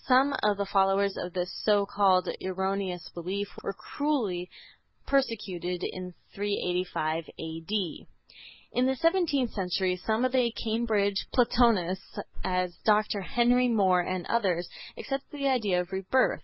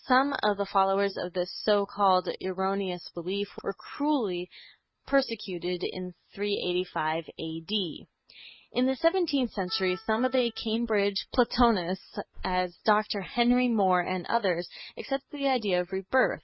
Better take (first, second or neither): first